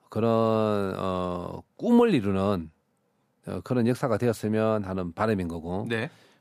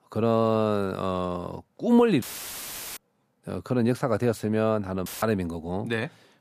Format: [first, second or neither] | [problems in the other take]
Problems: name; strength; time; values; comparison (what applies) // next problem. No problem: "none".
first | audio cutting out; filled with static; at 2 s for 1 s and at 5 s